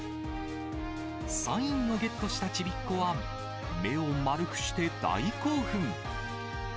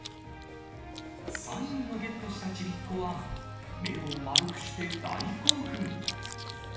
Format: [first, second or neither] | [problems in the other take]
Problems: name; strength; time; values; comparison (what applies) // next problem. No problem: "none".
first | background sound (Chewing, mastication); 1 dB below the speech // room echo; dies away in 0.9 s